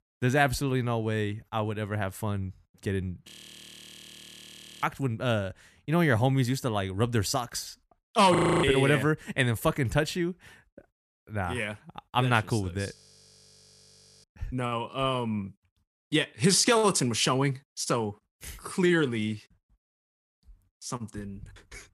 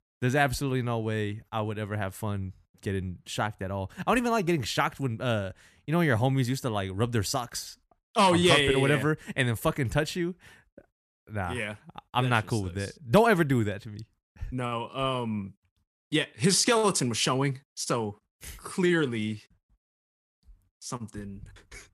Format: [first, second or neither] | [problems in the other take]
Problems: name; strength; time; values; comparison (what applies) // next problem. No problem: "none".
second | audio freezing; at 3.5 s for 1.5 s, at 8.5 s and at 13 s for 1.5 s